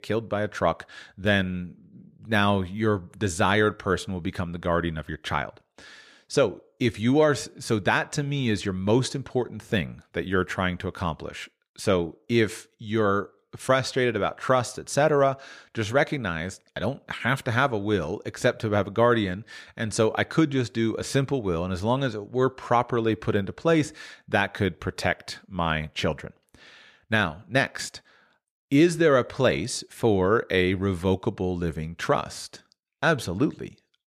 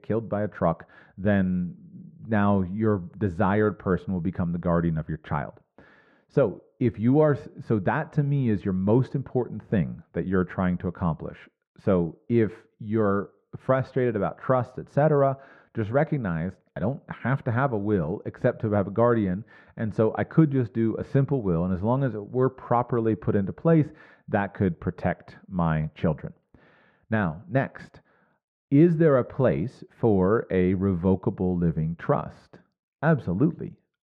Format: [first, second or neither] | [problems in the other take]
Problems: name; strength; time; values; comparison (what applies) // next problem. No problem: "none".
first | muffled; very; fading above 3 kHz